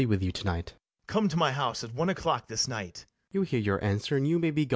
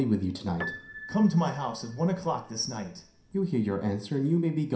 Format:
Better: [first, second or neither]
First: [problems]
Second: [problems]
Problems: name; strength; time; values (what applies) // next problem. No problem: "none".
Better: first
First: none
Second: background sound (Piano); 16 dB below the speech // room echo; dies away in 0.5 s